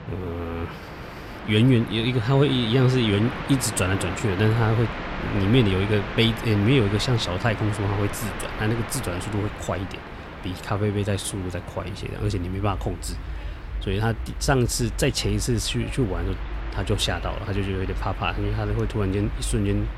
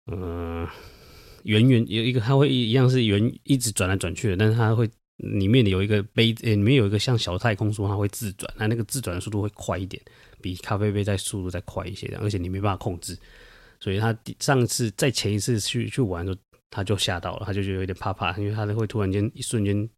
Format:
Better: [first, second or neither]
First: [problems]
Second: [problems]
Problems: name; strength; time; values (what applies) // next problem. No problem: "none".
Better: second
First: train or aircraft noise; loud; throughout; 9 dB below the speech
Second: none